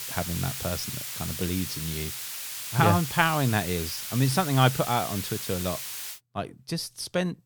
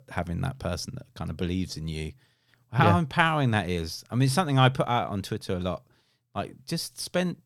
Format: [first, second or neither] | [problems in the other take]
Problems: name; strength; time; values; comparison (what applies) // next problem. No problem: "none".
second | hiss; loud; until 6 s; 5 dB below the speech